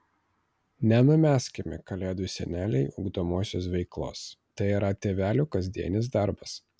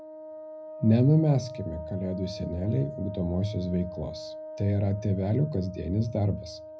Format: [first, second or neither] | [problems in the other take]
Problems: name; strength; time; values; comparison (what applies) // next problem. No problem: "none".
first | background sound (Wind instrument, woodwind instrument); 13 dB below the speech // room echo; dies away in 0.5 s